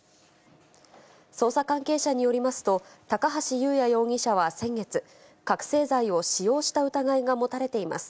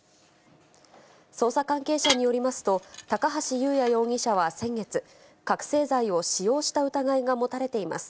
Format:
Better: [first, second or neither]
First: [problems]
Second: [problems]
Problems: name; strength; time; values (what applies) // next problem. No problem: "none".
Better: first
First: none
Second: background sound (Dishes, pots, and pans / Glass); 10 dB below the speech